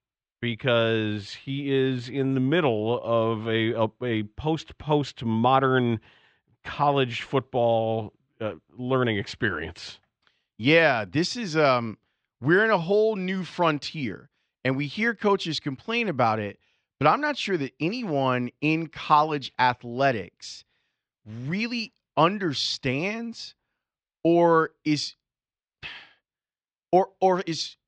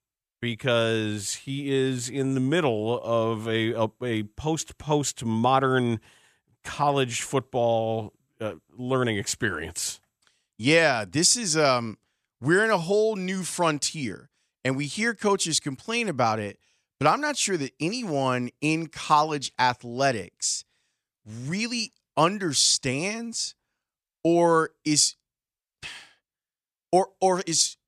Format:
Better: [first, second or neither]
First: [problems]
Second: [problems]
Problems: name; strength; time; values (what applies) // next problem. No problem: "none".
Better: second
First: muffled; slightly; fading above 4 kHz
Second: none